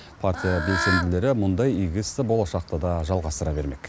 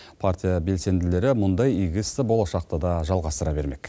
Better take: second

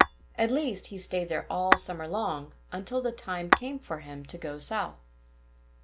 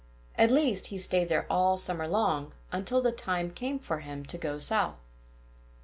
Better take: second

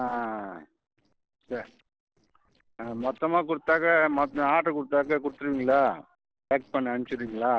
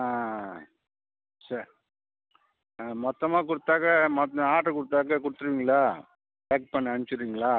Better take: second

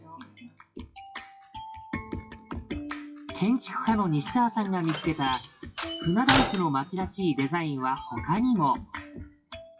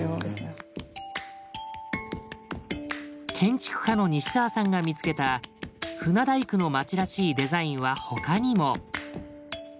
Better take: second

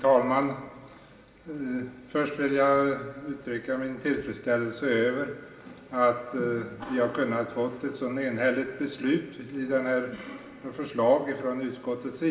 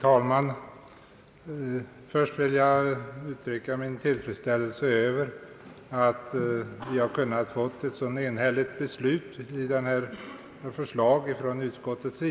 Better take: second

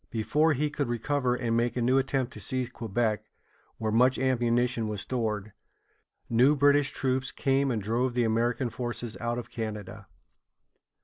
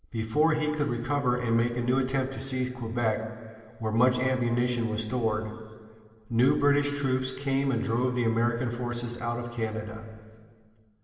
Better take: first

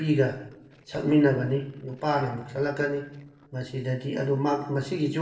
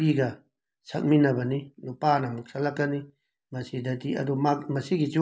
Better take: second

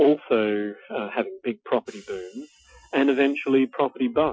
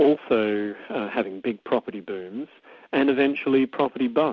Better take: second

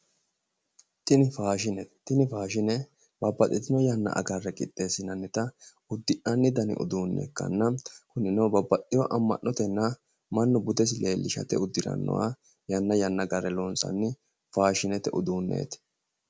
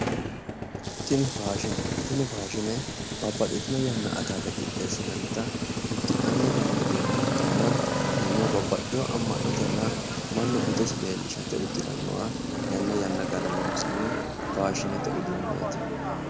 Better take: first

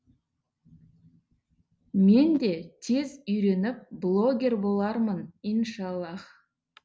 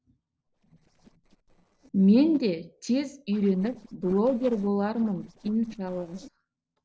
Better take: first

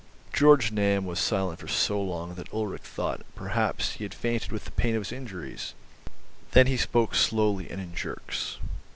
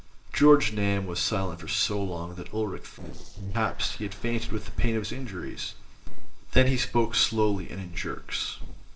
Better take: first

